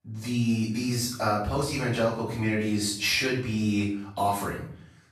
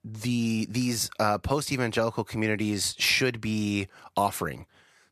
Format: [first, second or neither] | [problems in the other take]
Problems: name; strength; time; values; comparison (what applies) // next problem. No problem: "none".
second | off-mic speech; far // room echo; noticeable; dies away in 0.5 s